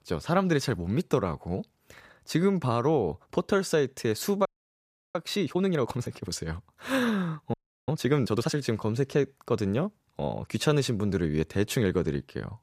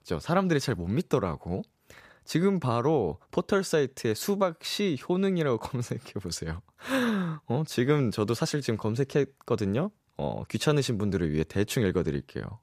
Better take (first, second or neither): second